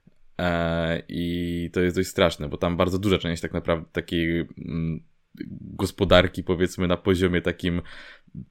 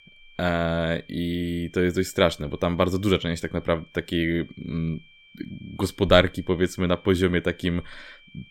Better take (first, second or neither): first